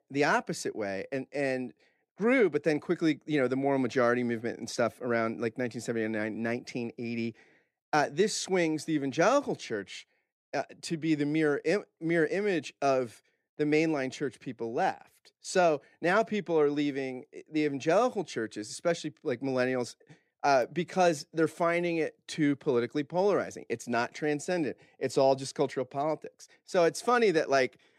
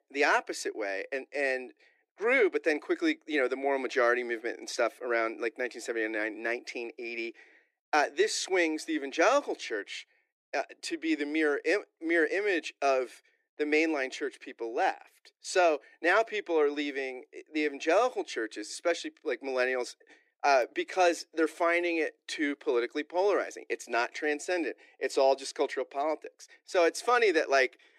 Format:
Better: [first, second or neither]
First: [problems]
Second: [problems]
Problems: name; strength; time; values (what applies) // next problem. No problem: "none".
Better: first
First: none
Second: thin; somewhat; fading below 300 Hz